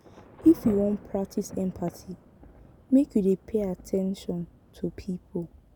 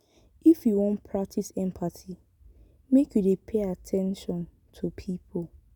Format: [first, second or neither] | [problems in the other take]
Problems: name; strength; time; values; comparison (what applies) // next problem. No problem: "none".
second | background sound (Thunder / Rain); 18 dB below the speech